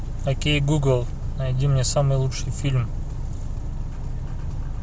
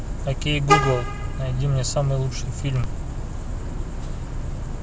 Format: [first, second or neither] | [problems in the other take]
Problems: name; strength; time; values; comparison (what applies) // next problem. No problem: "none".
first | background sound (Vehicle horn, car horn, honking); 4 dB below the speech